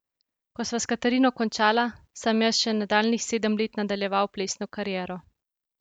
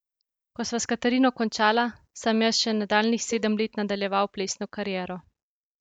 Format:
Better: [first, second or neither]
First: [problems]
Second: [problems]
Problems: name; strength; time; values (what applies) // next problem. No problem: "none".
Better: first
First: none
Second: noise reduction (neural mask model DeepFilterNet 3)